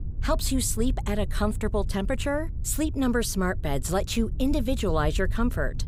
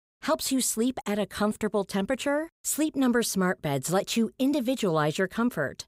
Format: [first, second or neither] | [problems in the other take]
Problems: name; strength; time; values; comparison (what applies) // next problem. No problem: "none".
second | low rumble; faint; throughout; 20 dB below the speech